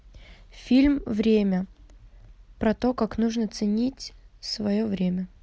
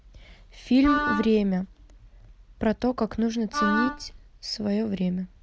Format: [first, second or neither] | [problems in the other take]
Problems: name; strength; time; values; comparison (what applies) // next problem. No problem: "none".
first | background sound (Wind instrument, woodwind instrument); 3 dB below the speech